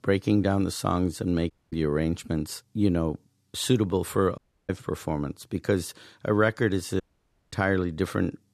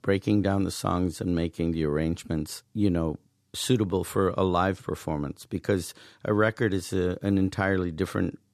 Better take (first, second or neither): second